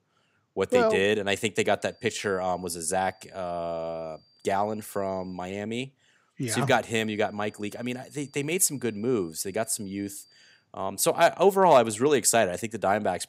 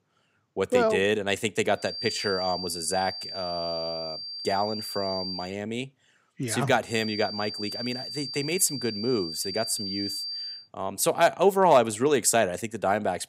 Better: first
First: high-pitched whine; faint; from 2 to 5.5 s and from 7 to 11 s; 4.5 kHz, 35 dB below the speech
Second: high-pitched whine; loud; from 2 to 5.5 s and from 7 to 11 s; 4.5 kHz, 6 dB below the speech

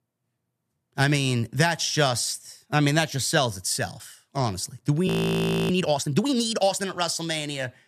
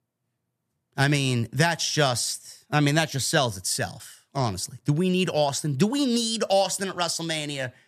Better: second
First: audio freezing; at 5 s for 0.5 s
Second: none

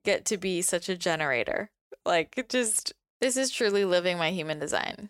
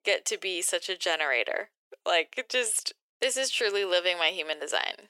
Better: first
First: none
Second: thin; very; fading below 400 Hz

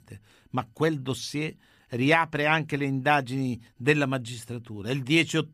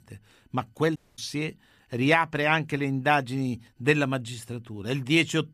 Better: first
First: none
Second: audio cutting out; at 1 s

